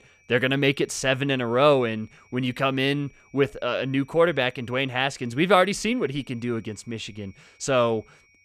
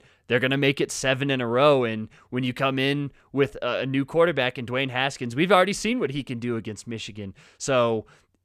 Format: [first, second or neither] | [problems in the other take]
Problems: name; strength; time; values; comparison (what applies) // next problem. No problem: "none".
second | high-pitched whine; faint; throughout; 2.5 kHz, 35 dB below the speech